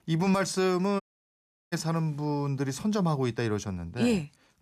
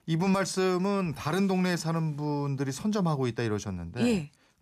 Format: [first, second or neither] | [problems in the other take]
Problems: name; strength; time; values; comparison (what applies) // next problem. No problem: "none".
second | audio cutting out; at 1 s for 0.5 s